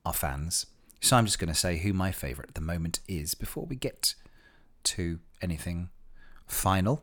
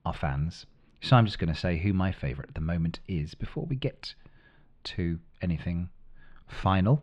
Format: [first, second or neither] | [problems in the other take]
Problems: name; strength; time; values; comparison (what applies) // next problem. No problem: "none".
first | muffled; slightly; fading above 3.5 kHz